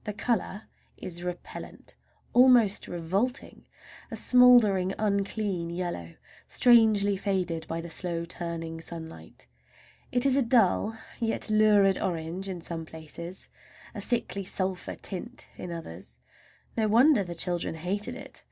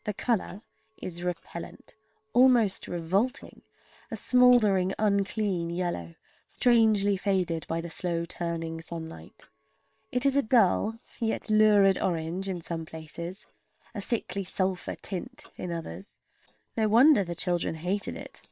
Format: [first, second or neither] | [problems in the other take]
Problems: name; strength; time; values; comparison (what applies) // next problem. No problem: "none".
first | noise reduction (neural separator model SepFormer WHAM!)